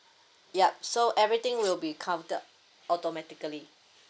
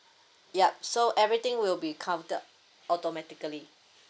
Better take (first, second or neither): second